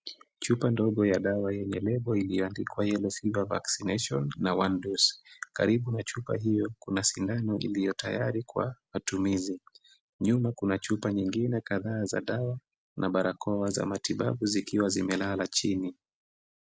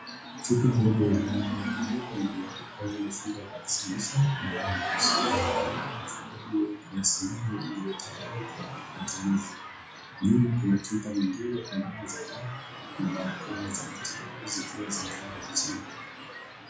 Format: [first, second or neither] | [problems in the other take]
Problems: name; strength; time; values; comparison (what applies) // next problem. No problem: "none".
first | noise reduction (classical method WPE with log-MMSE)